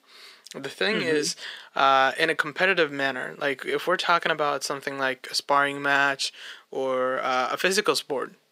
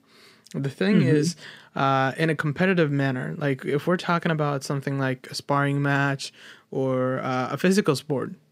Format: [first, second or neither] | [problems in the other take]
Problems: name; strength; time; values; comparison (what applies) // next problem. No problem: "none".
second | thin; very; fading below 550 Hz